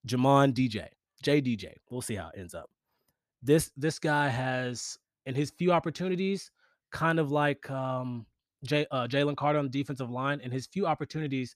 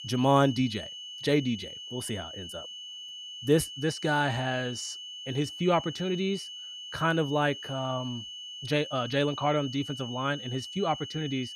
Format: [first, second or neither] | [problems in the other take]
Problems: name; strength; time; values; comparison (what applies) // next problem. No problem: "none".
first | high-pitched whine; loud; throughout; 3 kHz, 10 dB below the speech